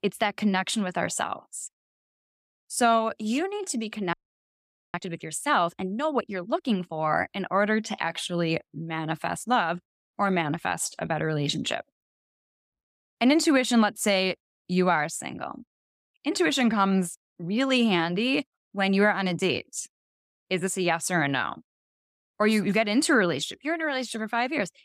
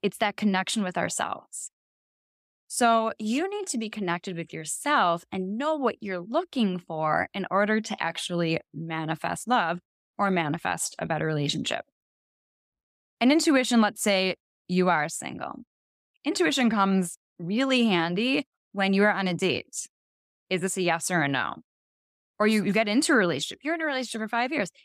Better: second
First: audio freezing; at 4 s for 1 s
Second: none

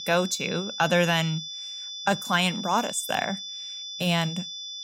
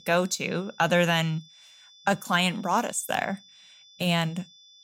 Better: second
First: high-pitched whine; loud; throughout; 3.5 kHz, 8 dB below the speech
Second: high-pitched whine; faint; throughout; 3.5 kHz, 25 dB below the speech

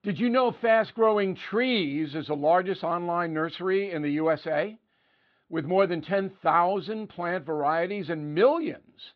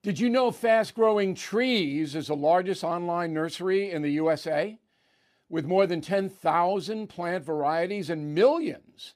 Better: second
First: muffled; very slightly; fading above 3.5 kHz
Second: none

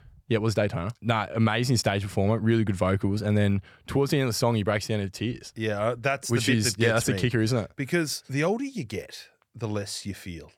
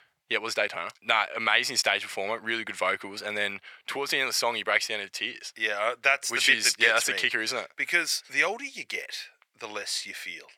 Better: first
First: none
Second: thin; very; fading below 700 Hz

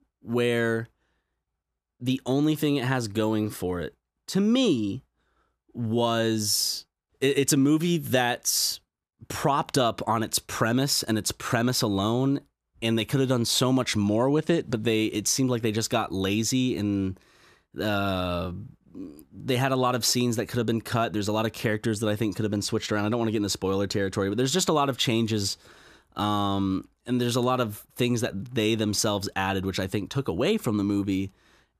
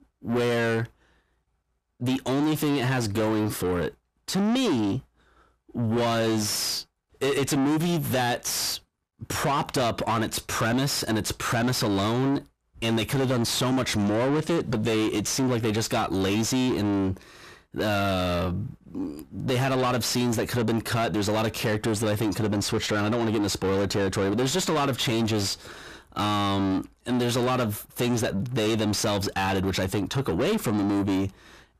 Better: first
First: none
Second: distortion; heavy; 7 dB below the speech

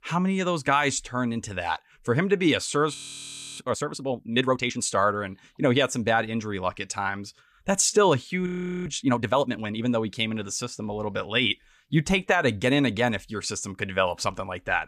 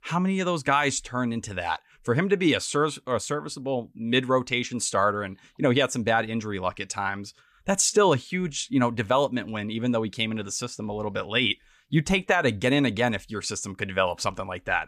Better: second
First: audio freezing; at 3 s for 0.5 s and at 8.5 s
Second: none

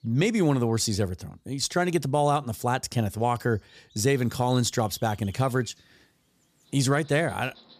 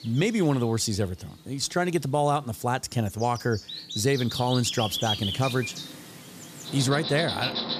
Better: first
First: animal sounds; faint; throughout; 30 dB below the speech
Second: animal sounds; loud; throughout; 6 dB below the speech

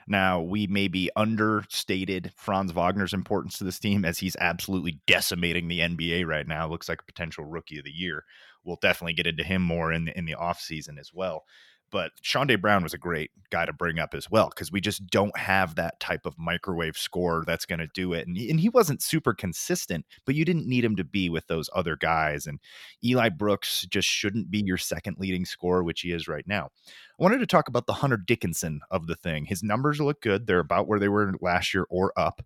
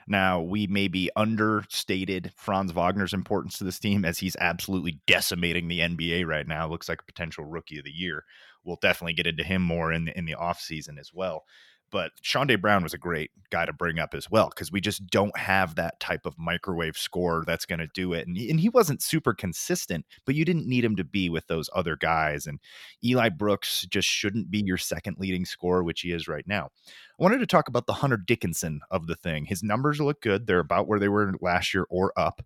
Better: neither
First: none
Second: none

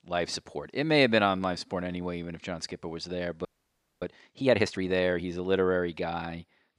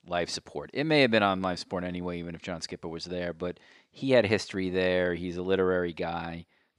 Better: second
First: audio freezing; at 3.5 s for 0.5 s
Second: none

